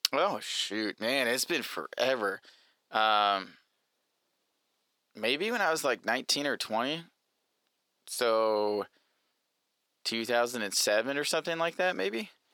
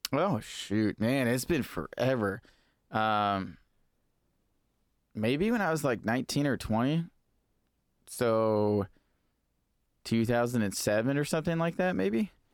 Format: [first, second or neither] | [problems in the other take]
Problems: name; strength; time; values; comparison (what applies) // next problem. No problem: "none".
second | thin; somewhat; fading below 450 Hz